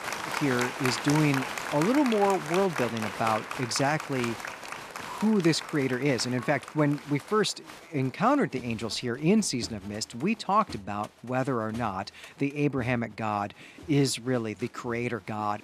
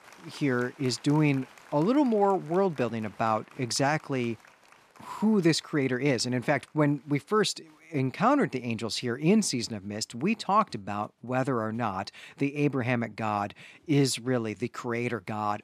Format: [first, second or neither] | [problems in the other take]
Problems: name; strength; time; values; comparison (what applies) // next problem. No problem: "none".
second | crowd noise; loud; throughout; 8 dB below the speech; faint in the second